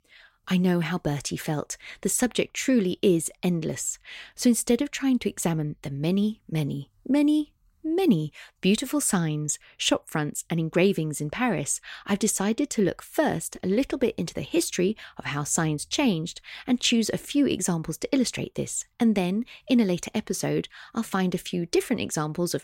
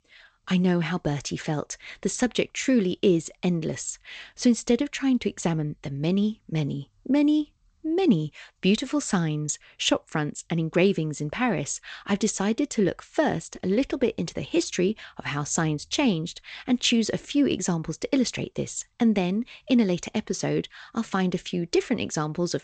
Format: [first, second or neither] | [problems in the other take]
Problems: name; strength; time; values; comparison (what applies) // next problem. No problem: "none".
first | garbled, watery; slightly; nothing above 8 kHz